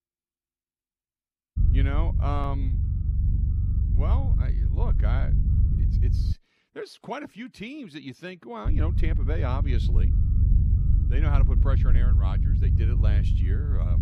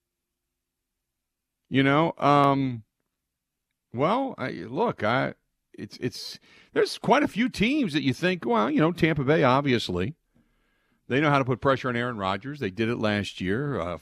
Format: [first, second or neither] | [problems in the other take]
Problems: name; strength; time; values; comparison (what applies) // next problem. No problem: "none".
second | low rumble; loud; from 1.5 to 6.5 s and from 8.5 s on; 4 dB below the speech